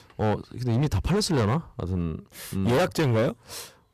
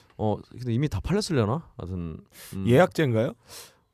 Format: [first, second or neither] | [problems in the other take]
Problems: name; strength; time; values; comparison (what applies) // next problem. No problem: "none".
second | distortion; heavy; 14% of the sound clipped